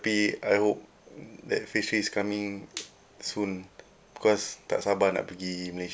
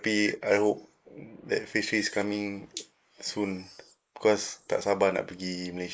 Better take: first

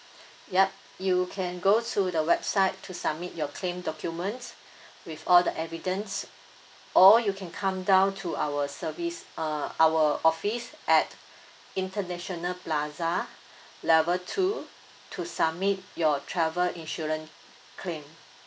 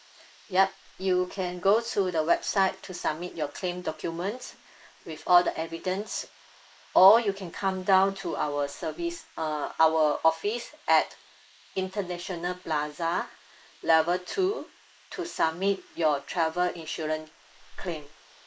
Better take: first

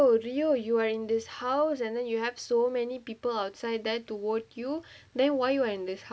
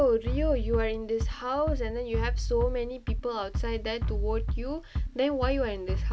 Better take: first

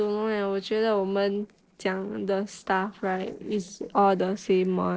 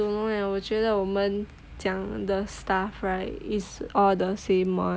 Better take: second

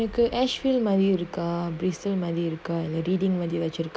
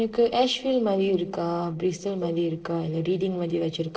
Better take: first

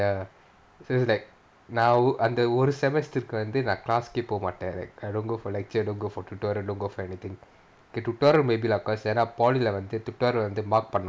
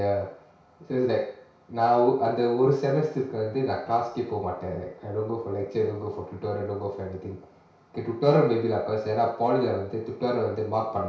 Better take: first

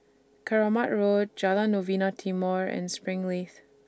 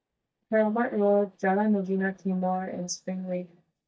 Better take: first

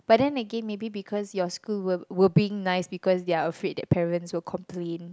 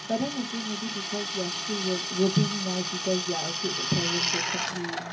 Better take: first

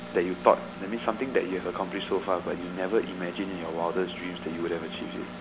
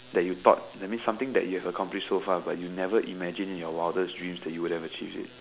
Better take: second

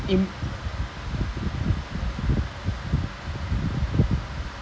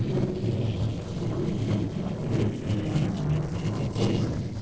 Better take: first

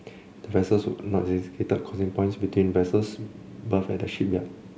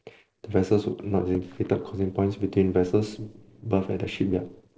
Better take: first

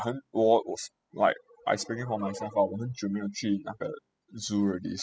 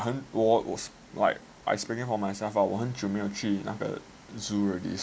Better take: second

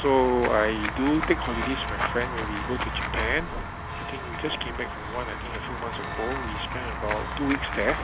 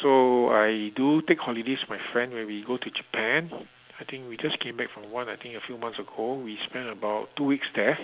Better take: second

